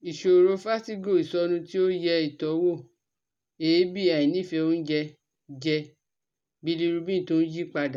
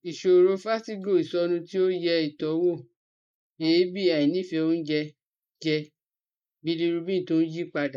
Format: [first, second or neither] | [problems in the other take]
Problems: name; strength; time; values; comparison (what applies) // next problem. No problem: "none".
first | noise reduction (neural mask model Resemble Enhance denoiser)